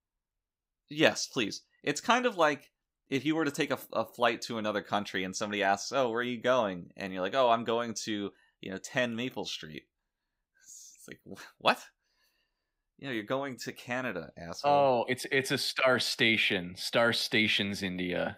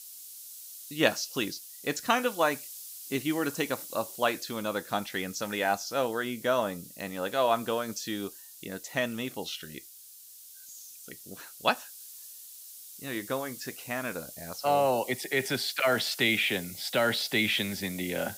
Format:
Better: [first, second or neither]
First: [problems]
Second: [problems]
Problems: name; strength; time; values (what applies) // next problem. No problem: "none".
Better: first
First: none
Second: hiss; noticeable; throughout; 15 dB below the speech